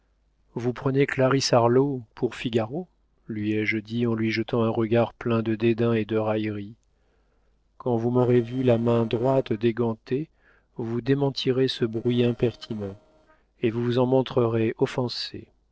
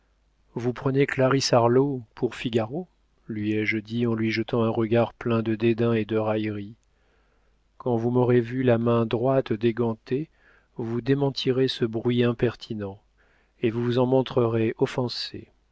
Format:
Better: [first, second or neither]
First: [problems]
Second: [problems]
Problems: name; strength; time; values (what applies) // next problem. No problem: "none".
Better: second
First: noise reduction (neural separator model SepFormer DNS4)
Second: none